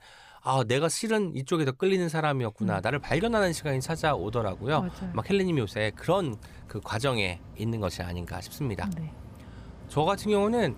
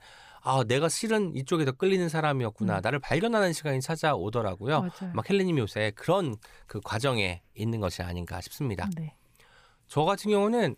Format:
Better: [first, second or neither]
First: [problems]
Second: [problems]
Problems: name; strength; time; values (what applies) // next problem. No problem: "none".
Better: second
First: machinery noise; noticeable; from 2.5 s on; 20 dB below the speech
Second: none